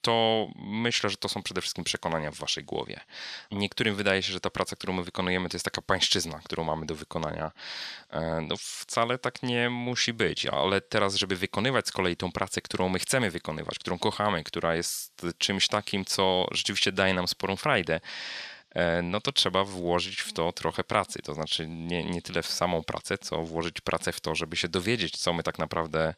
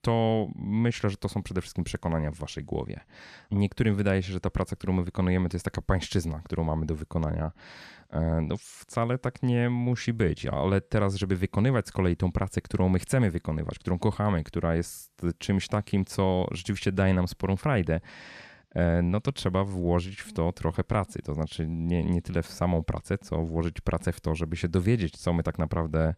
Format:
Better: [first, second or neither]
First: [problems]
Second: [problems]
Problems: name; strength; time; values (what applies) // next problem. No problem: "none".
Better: second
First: thin; somewhat; fading below 800 Hz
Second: none